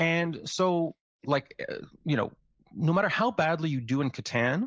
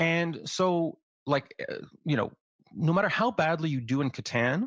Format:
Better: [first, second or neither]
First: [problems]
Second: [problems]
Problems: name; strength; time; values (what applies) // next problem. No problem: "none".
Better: second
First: noise reduction (neural mask model Resemble Enhance denoiser)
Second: none